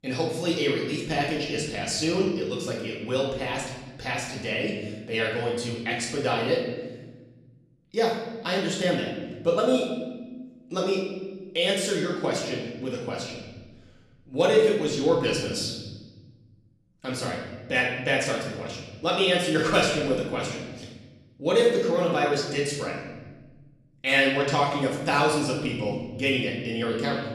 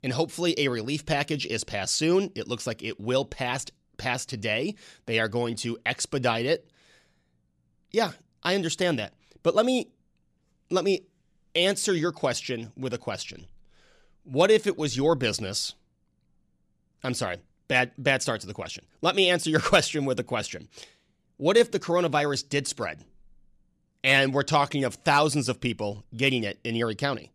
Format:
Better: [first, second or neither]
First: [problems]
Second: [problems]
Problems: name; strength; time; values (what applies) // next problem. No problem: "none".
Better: second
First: off-mic speech; far // room echo; noticeable; dies away in 1.3 s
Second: none